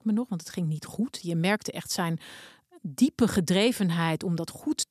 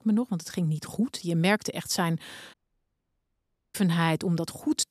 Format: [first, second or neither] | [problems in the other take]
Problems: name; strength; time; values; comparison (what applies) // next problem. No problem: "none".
first | audio cutting out; at 2.5 s for 1 s